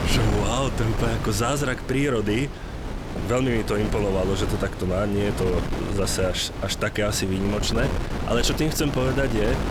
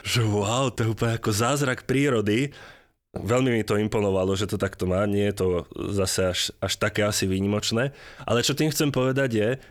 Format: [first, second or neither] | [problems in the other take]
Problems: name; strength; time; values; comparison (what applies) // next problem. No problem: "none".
second | wind noise on the microphone; heavy; 7 dB below the speech